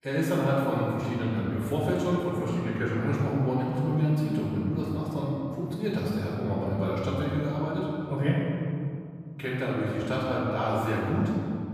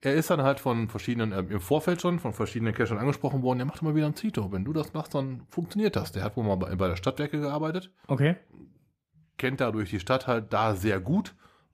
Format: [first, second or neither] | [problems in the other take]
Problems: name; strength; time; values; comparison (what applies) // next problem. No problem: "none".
second | off-mic speech; far // room echo; strong; dies away in 2.3 s